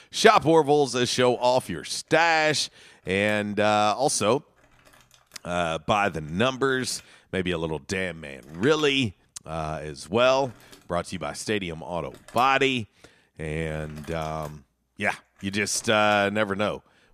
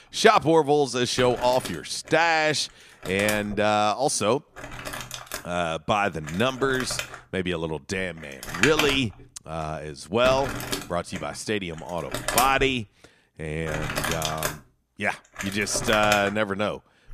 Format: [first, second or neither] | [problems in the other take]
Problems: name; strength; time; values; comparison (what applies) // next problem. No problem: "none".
first | household noises; loud; throughout; 6 dB below the speech; faint in the first